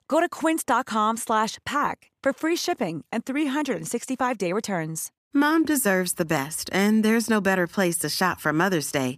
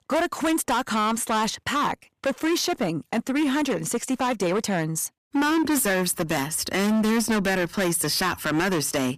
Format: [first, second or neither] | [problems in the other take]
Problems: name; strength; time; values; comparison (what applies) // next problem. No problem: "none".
first | distortion; heavy; 18% of the sound clipped